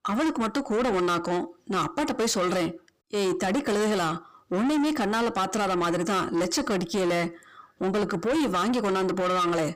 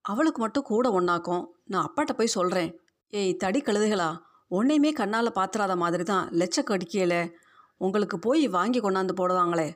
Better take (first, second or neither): second